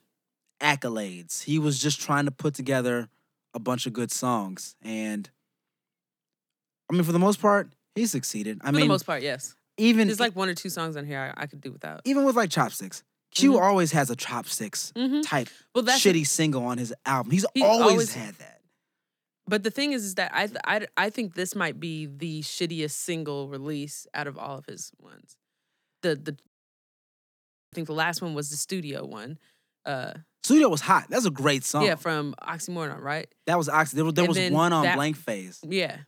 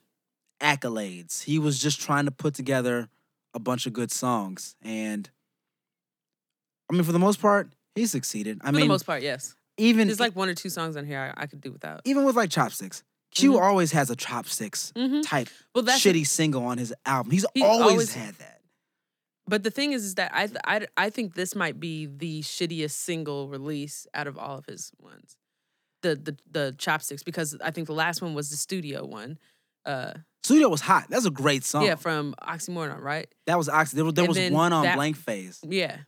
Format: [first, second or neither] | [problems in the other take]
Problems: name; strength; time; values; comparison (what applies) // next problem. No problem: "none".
second | audio cutting out; at 26 s for 1.5 s